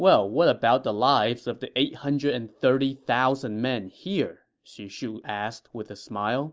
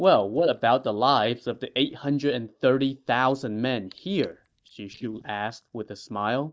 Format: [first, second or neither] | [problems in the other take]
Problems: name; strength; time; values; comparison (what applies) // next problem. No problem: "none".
first | noise reduction (neural mask model DeepFilterNet 3)